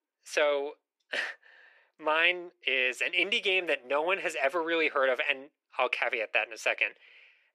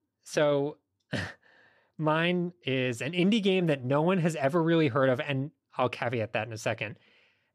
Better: second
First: thin; very; fading below 400 Hz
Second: none

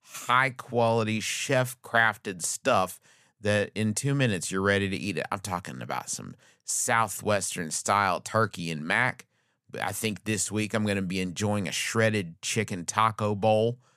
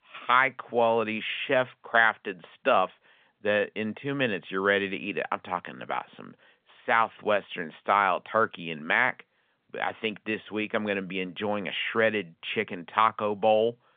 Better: first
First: none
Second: phone-call audio; nothing above 3.5 kHz

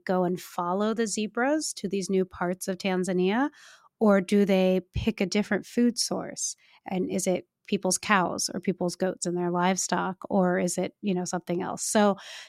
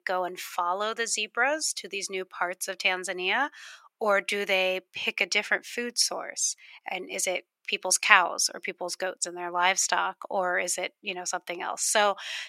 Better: first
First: none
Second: thin; very; fading below 700 Hz

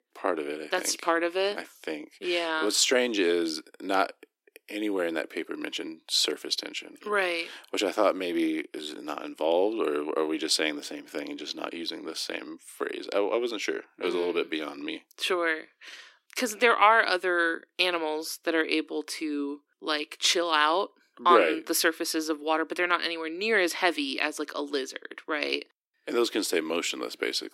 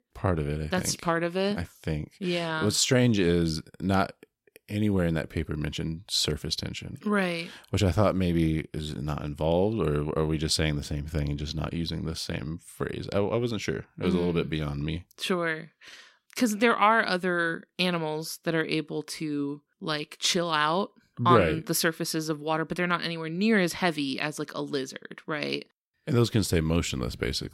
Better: second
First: thin; somewhat; fading below 300 Hz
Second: none

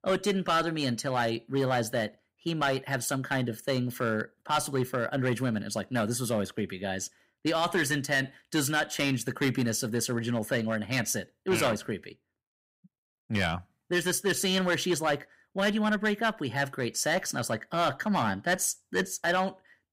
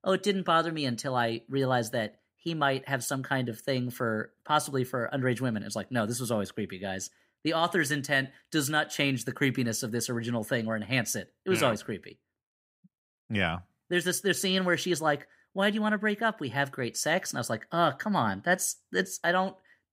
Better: second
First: distortion; slight; 4% of the sound clipped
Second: none

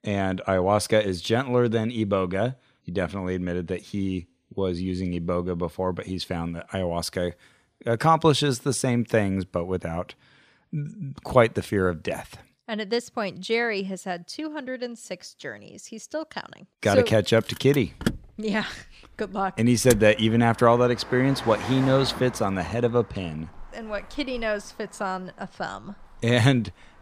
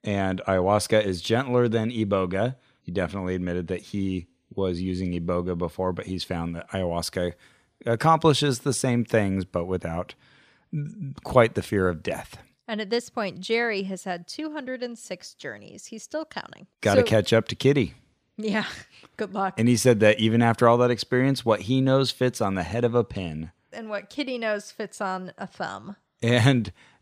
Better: second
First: traffic noise; noticeable; from 18 s on; 10 dB below the speech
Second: none

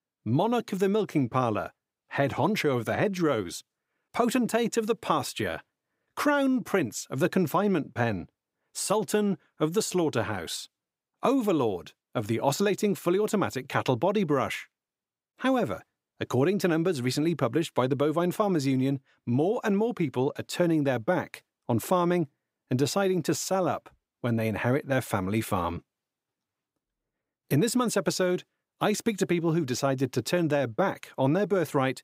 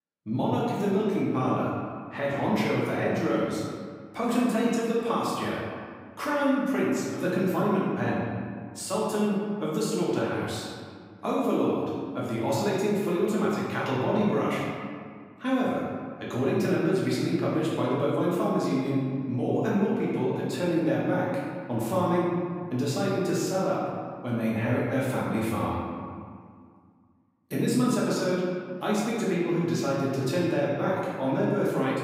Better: first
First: none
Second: room echo; strong; dies away in 1.8 s // off-mic speech; far

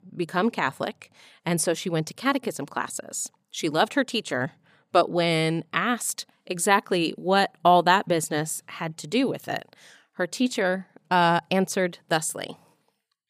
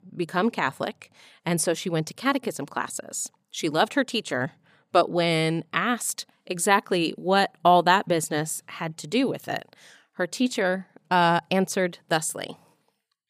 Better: neither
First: none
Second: none

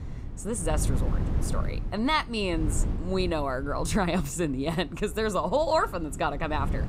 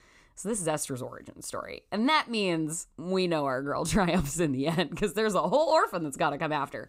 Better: second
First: wind noise on the microphone; occasional gusts; 15 dB below the speech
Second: none

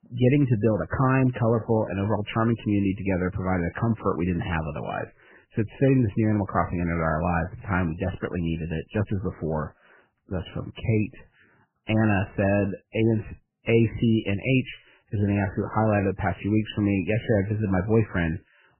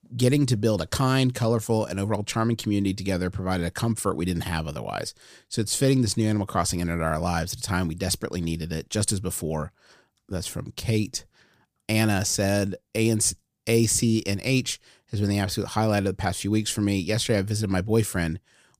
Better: second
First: garbled, watery; badly; nothing above 3 kHz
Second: none

